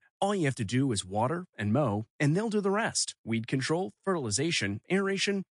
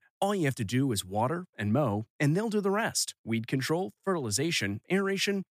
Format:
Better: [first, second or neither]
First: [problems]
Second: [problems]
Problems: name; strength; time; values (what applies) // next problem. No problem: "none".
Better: second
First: garbled, watery; slightly; nothing above 10 kHz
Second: none